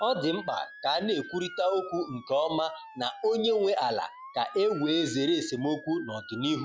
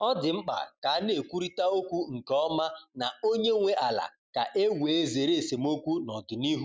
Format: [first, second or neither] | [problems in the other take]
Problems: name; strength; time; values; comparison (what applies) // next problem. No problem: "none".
second | noise reduction (classical method log-MMSE)